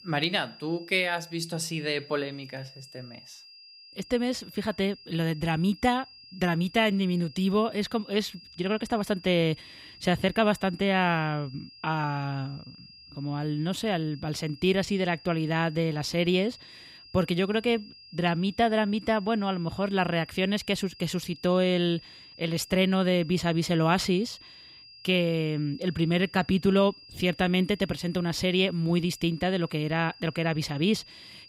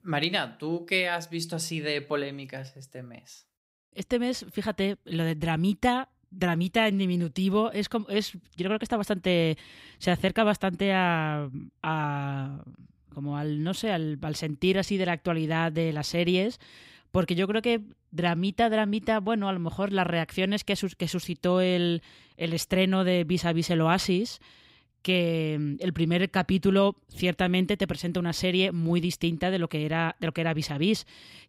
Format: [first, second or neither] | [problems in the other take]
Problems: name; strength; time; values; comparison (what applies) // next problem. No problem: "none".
second | high-pitched whine; faint; throughout; 5 kHz, 20 dB below the speech